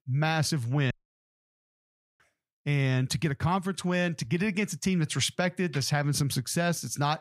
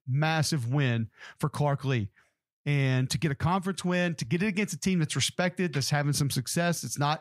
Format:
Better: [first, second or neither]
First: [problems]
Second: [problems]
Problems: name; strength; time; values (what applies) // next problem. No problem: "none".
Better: second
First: audio cutting out; at 1 s for 1.5 s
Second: none